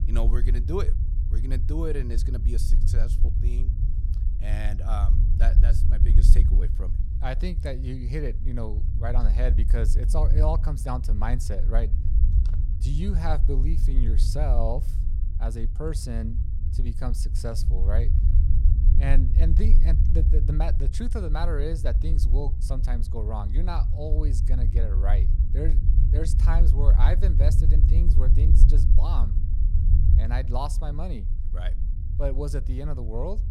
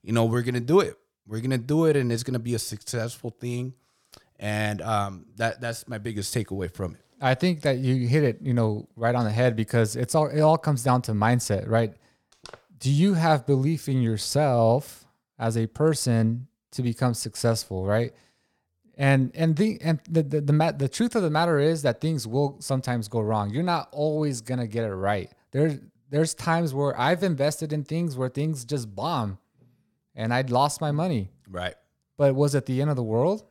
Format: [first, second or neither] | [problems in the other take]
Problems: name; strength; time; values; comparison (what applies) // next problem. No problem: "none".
second | low rumble; loud; throughout; 7 dB below the speech